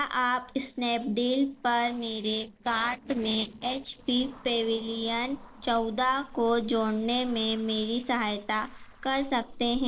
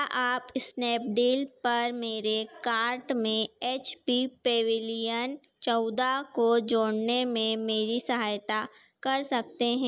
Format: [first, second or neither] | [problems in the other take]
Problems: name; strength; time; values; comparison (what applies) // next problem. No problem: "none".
second | noise reduction (neural separator model SepFormer DNS4)